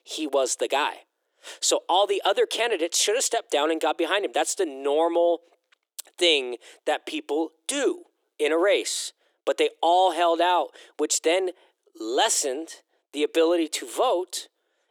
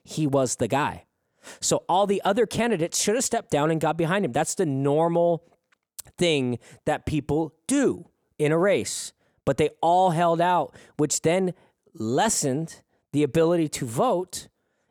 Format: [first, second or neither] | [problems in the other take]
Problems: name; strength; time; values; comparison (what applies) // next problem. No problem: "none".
second | thin; very; fading below 300 Hz